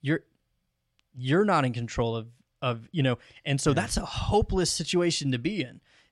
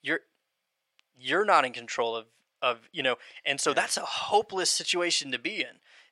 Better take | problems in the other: first | thin; very; fading below 600 Hz

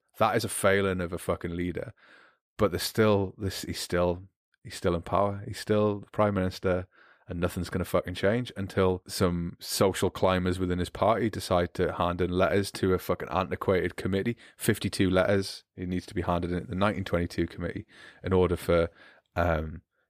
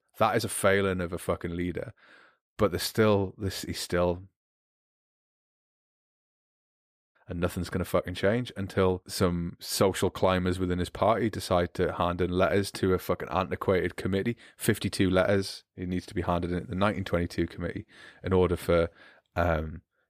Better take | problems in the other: first | audio cutting out; at 4.5 s for 2.5 s

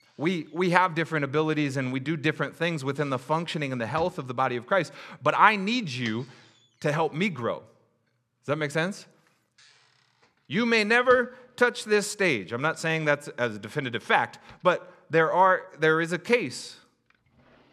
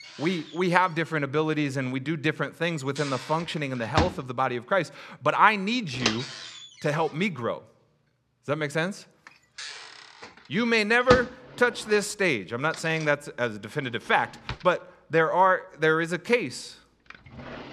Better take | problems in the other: first | household noises; loud; throughout; 9 dB below the speech; faint in the first

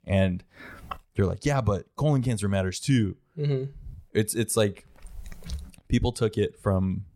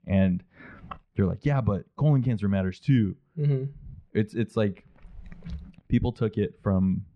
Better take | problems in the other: first | muffled; slightly; fading above 2.5 kHz

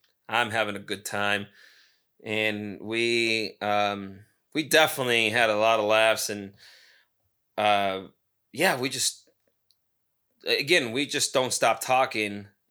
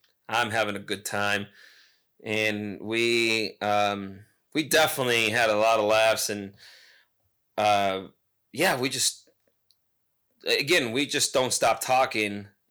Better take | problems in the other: first | distortion; slight; 2% of the sound clipped

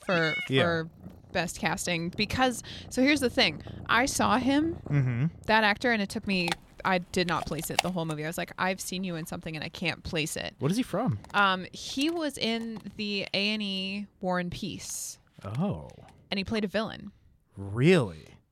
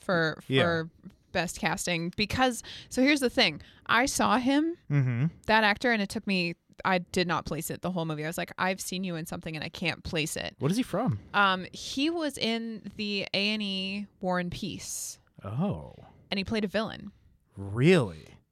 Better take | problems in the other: second | animal sounds; noticeable; throughout; 10 dB below the speech

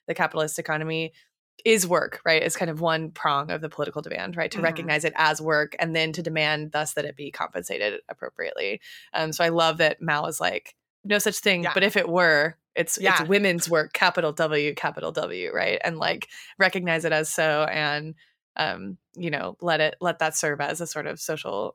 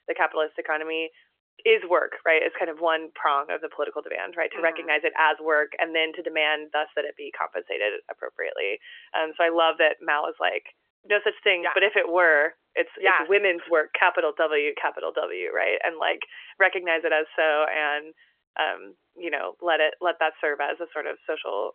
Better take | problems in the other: first | phone-call audio; nothing above 3 kHz

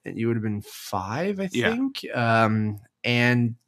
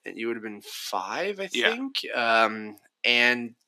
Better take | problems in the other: first | thin; somewhat; fading below 300 Hz

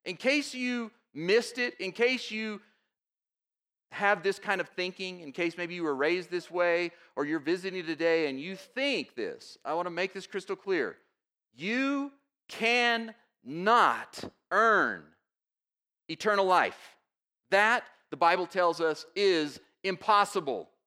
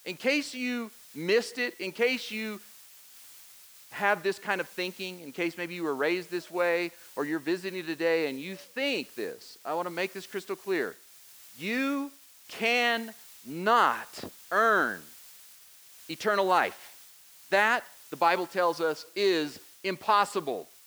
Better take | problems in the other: first | hiss; faint; throughout; 20 dB below the speech

